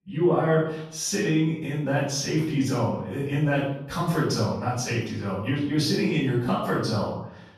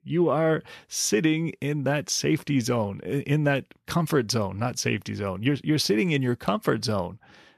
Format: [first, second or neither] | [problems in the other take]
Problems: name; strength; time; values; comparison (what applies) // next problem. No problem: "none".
second | off-mic speech; far // room echo; noticeable; dies away in 0.7 s